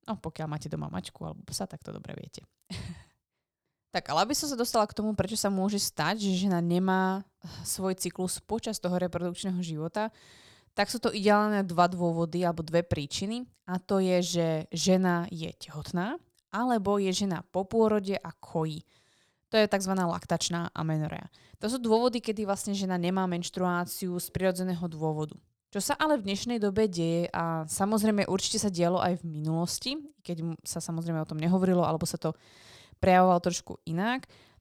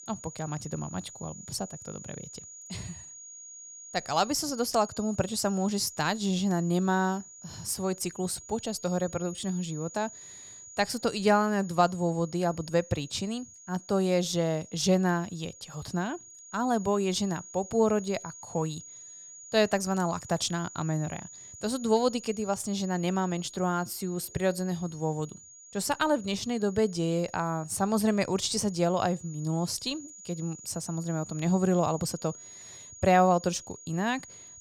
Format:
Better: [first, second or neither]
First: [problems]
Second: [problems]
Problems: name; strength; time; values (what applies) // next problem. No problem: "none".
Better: first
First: none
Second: high-pitched whine; noticeable; throughout; 7 kHz, 15 dB below the speech